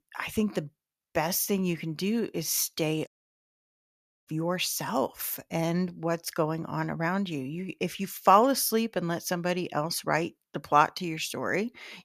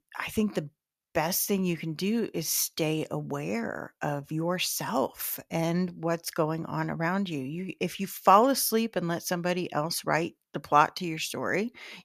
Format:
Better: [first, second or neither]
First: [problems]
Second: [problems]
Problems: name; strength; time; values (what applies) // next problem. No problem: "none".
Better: second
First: audio cutting out; at 3 s for 1 s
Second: none